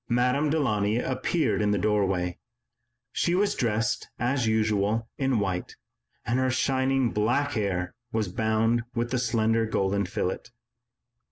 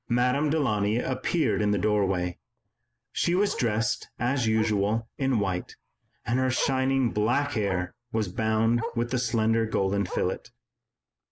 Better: first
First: none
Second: noise reduction (neural mask model Resemble Enhance denoiser)

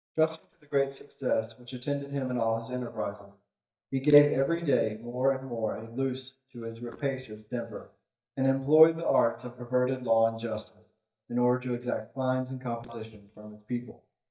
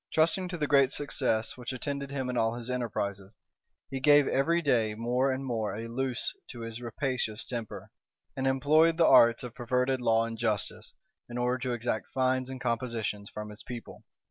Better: second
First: noise reduction (neural mask model DeepFilterNet 3)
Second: none

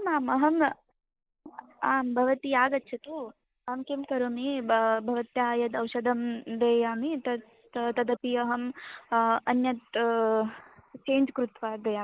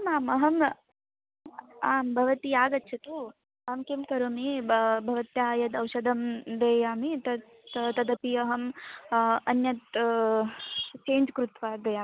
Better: second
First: noise reduction (neural mask model Resemble Enhance denoiser)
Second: none

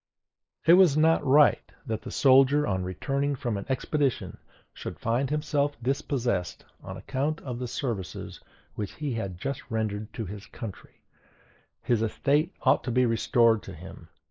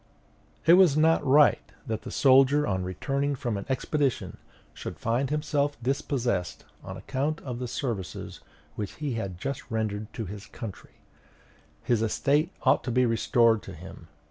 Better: second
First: noise reduction (neural mask model Resemble Enhance denoiser)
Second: none

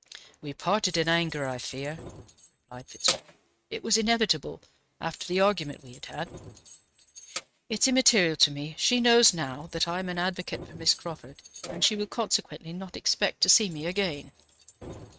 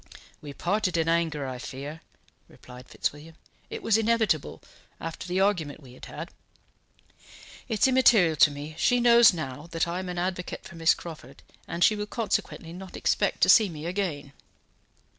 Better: second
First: noise reduction (neural mask model RNNoise)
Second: none

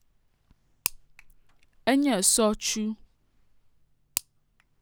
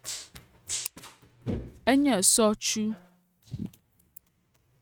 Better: first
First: none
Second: noise reduction (neural mask model RNNoise)

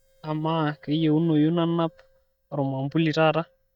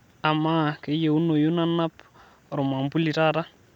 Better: second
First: noise reduction (neural mask model DeepFilterNet 3)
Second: none

